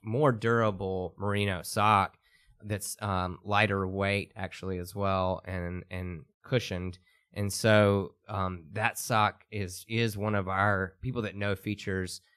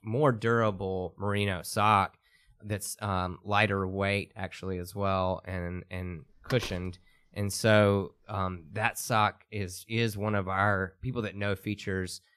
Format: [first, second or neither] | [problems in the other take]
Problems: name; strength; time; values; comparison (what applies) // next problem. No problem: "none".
first | door banging; faint; from 6.5 to 9 s; peak 10 dB below the speech